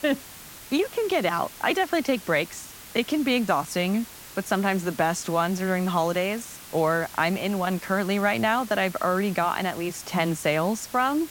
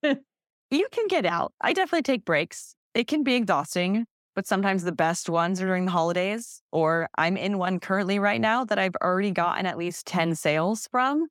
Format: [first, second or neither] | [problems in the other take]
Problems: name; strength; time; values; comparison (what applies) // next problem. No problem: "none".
second | hiss; noticeable; throughout; 15 dB below the speech